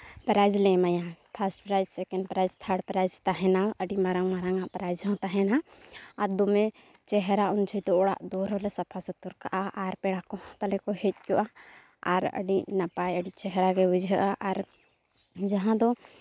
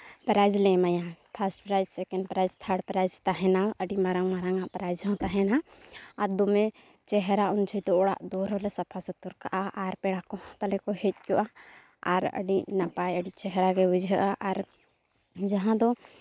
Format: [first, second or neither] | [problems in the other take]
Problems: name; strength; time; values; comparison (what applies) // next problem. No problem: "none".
first | noise reduction (neural mask model Resemble Enhance denoiser)